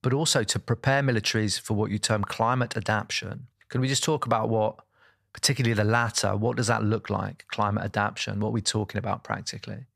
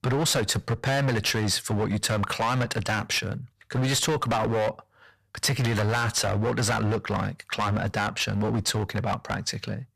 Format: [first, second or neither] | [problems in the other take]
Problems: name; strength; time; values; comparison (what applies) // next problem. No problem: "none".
first | distortion; heavy; 18% of the sound clipped